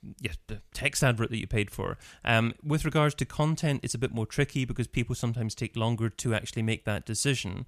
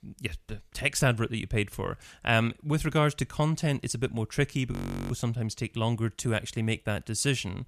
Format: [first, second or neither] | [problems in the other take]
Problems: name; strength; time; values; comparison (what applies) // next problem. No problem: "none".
first | audio freezing; at 4.5 s